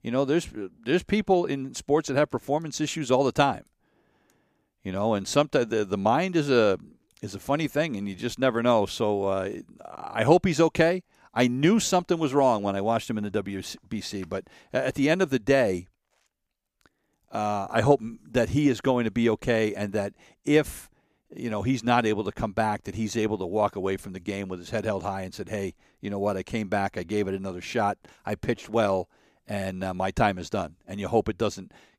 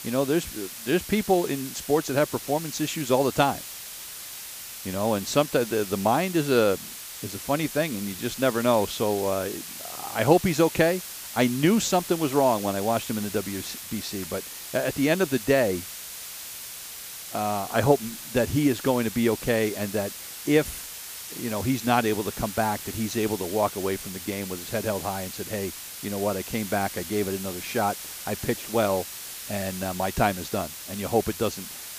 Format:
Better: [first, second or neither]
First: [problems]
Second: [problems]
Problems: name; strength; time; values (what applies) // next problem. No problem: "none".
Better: first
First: none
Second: hiss; loud; throughout; 9 dB below the speech